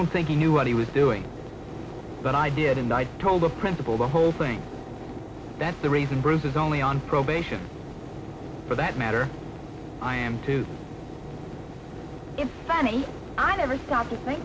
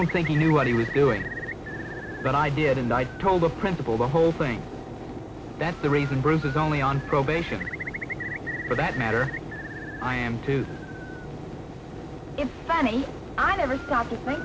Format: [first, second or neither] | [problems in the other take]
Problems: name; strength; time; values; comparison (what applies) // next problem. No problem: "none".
first | background sound (Bird); 14 dB below the speech